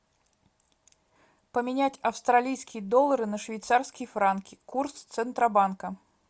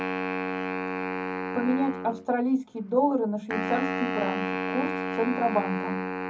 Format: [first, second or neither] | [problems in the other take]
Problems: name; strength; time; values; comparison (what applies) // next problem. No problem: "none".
first | background sound (Wind instrument, woodwind instrument); 2 dB below the speech // room echo; dies away in 0.4 s